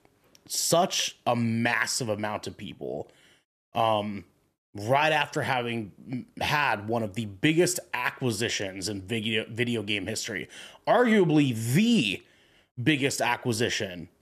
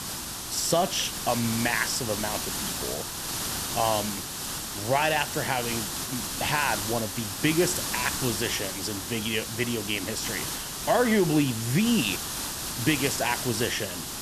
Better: first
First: none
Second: hiss; loud; throughout; 3 dB below the speech

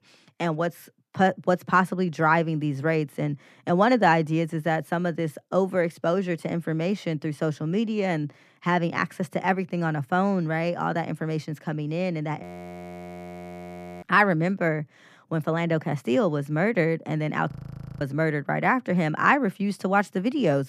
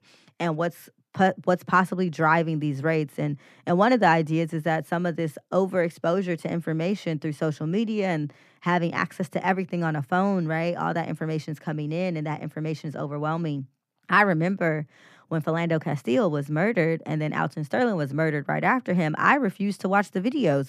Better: second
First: audio freezing; at 12 s for 1.5 s and at 18 s for 0.5 s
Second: none

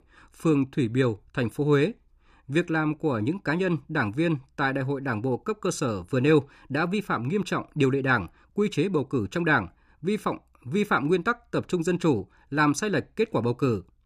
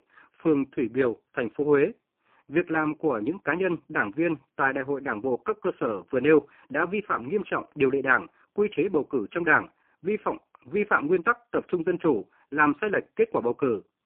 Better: first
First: none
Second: phone-call audio; poor line

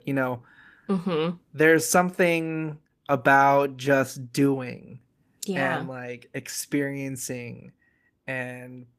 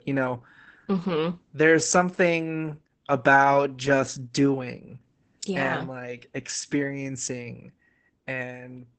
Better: first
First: garbled, watery; slightly; nothing above 14.5 kHz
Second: garbled, watery; badly; nothing above 8 kHz

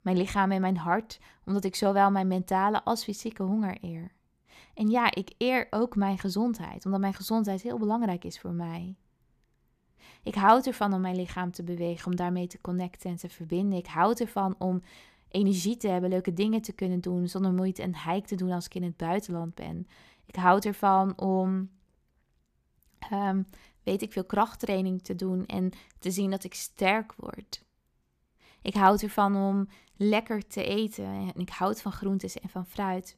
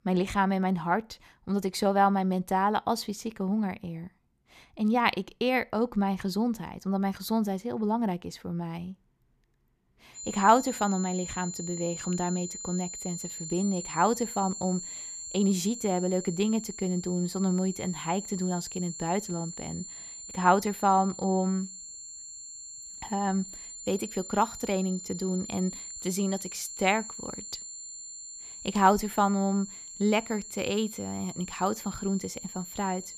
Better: first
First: none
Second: high-pitched whine; loud; from 10 s on; 7.5 kHz, 10 dB below the speech

